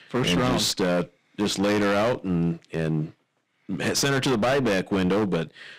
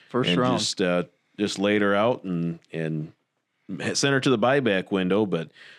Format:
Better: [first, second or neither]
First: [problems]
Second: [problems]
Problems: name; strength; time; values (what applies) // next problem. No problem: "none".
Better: second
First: distortion; heavy; 19% of the sound clipped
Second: none